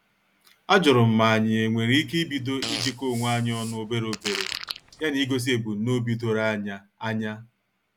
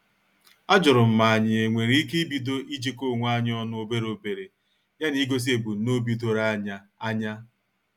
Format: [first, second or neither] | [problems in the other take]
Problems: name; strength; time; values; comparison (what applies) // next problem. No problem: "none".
second | background sound (Fart); 11 dB below the speech